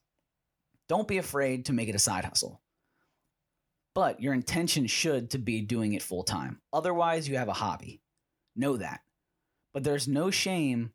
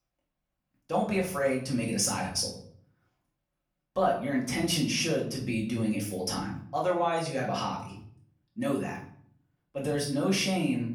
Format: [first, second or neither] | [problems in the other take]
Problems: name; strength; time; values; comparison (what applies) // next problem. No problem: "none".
first | off-mic speech; far // room echo; slight; dies away in 0.5 s